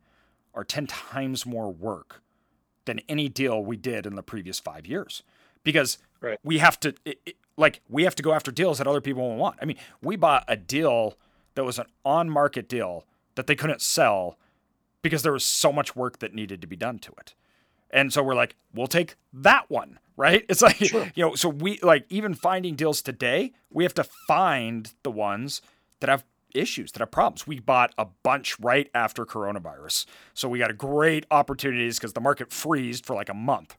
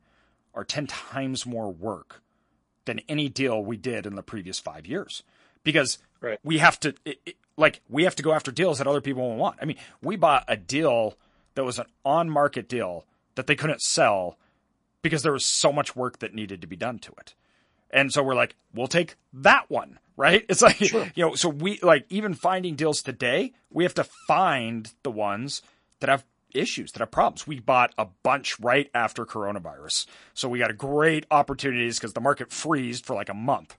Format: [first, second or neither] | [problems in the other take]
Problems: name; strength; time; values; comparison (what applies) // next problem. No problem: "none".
first | garbled, watery; slightly; nothing above 10.5 kHz